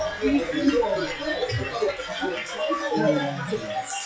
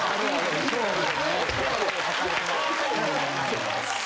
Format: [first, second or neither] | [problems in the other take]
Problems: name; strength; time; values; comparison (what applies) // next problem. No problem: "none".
second | noise reduction (classical method WPE with log-MMSE)